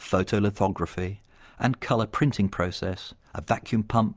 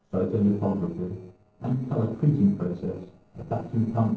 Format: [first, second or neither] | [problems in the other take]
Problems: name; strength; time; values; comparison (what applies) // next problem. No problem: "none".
first | noise reduction (neural separator model SepFormer DNS4)